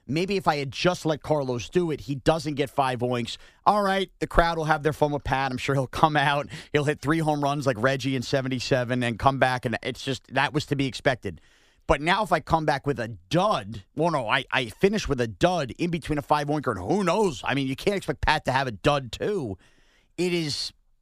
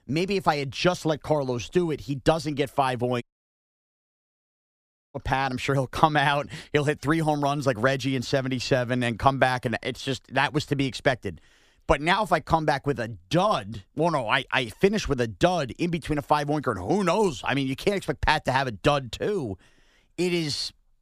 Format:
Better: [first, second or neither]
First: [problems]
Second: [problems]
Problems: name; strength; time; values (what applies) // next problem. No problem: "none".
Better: first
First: none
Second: audio cutting out; at 3 s for 2 s